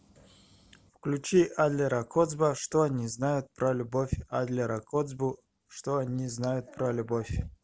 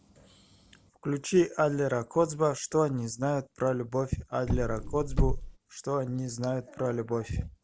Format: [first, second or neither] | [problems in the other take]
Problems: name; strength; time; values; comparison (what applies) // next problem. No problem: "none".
first | background sound (Car); 1 dB above the speech